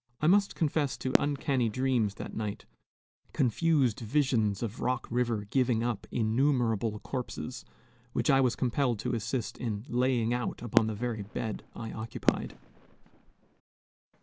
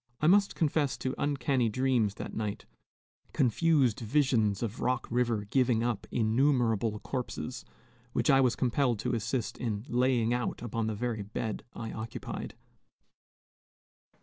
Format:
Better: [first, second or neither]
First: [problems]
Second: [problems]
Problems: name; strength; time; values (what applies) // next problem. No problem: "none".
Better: second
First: background sound (Fireworks); 5 dB below the speech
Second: none